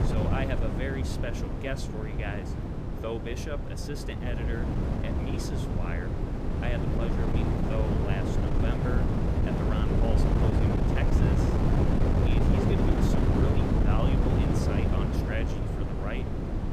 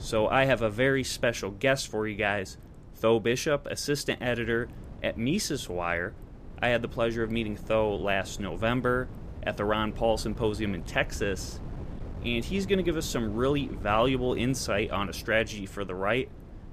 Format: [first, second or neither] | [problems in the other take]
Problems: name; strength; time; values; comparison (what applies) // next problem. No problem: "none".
second | wind noise on the microphone; heavy; 4 dB above the speech; occasional gusts in the second